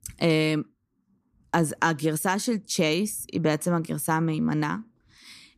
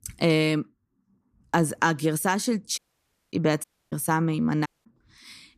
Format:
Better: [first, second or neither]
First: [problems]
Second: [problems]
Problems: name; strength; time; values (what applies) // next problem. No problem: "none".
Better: first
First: none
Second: audio cutting out; at 3 s for 0.5 s, at 3.5 s and at 4.5 s